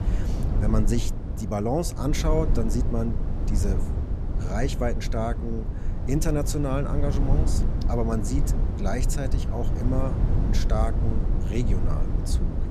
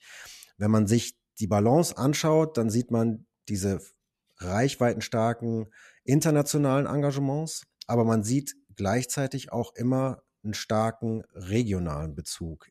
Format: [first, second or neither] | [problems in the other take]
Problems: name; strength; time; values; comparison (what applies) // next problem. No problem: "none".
second | low rumble; loud; throughout; 7 dB below the speech